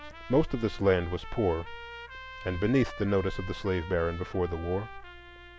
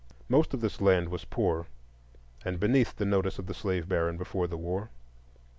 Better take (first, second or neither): second